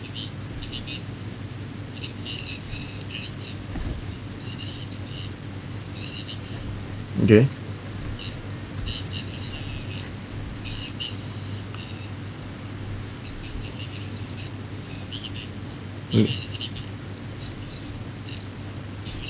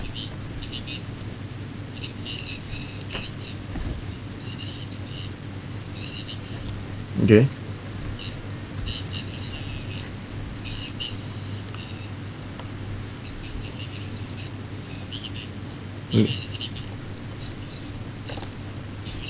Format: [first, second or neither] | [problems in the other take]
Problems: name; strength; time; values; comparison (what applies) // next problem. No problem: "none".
first | background sound (Wood); 18 dB below the speech